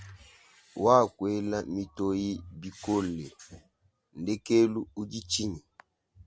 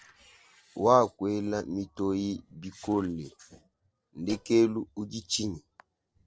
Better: first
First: none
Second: noise reduction (neural separator model SepFormer DNS4)

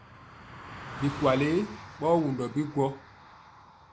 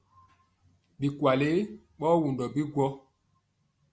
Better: second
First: background sound (Car passing by); 14 dB below the speech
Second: none

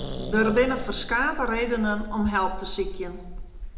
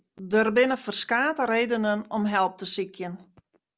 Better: second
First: background sound (Growling); 7 dB below the speech // room echo; dies away in 0.6 s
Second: none

